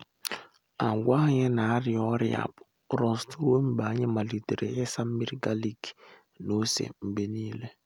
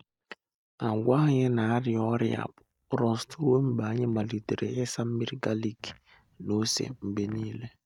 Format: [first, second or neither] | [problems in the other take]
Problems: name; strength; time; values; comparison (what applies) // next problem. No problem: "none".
first | noise reduction (neural mask model DeepFilterNet 3)